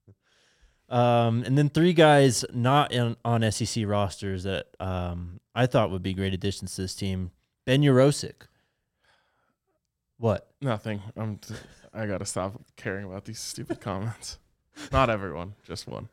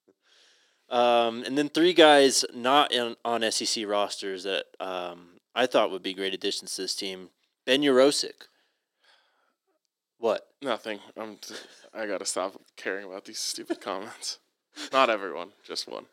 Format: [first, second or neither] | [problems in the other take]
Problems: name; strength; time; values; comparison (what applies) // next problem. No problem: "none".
first | thin; somewhat; fading below 300 Hz